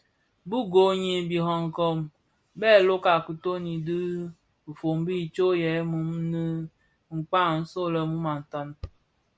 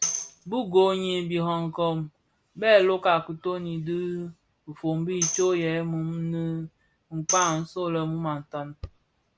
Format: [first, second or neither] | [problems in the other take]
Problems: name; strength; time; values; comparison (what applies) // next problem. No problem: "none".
first | background sound (Tambourine); 8 dB below the speech